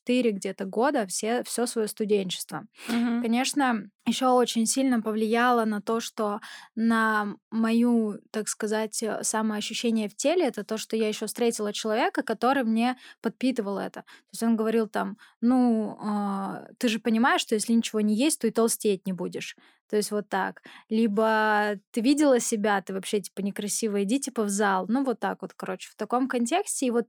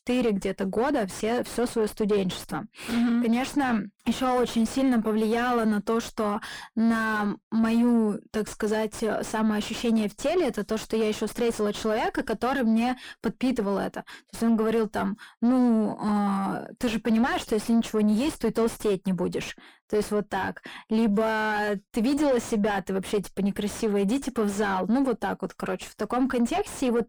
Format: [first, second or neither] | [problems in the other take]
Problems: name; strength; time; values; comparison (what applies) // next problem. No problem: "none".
first | distortion; heavy; 6 dB below the speech